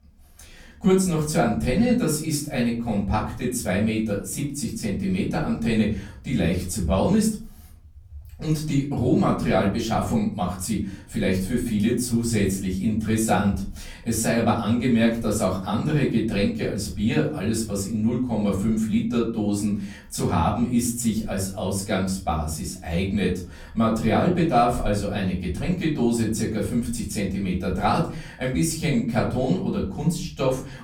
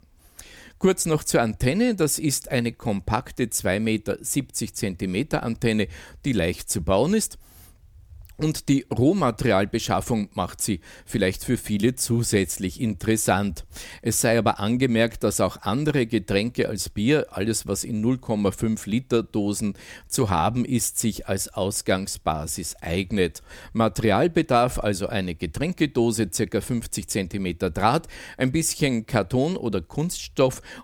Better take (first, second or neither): second